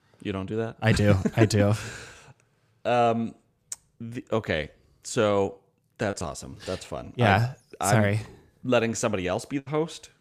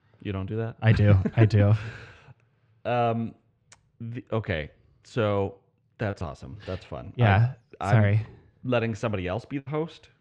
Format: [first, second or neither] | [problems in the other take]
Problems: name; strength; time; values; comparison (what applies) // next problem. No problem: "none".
first | muffled; slightly; fading above 3 kHz